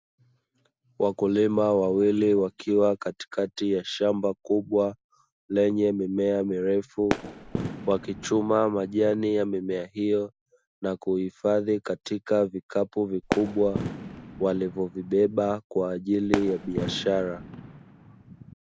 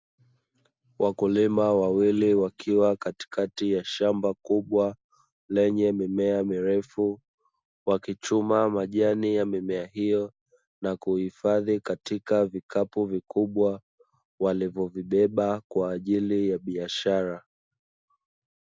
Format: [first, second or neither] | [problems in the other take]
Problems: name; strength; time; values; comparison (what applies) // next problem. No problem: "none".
second | background sound (Fireworks); 9 dB below the speech